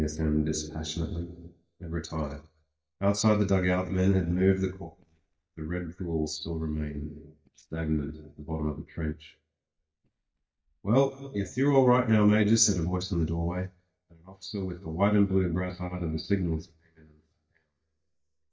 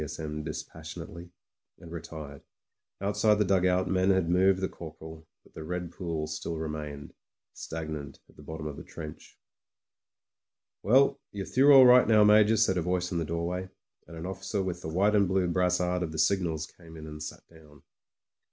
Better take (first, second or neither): second